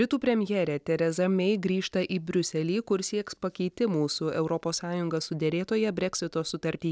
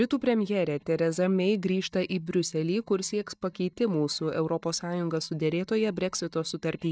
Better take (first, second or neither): first